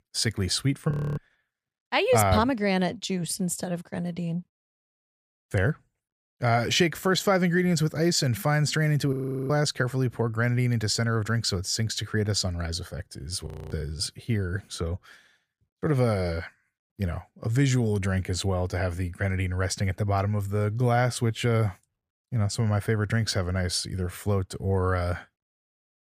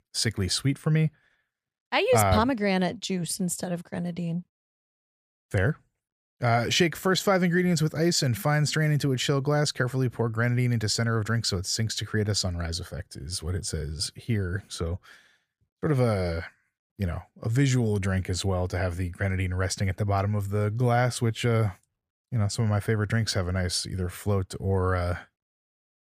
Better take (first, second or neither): second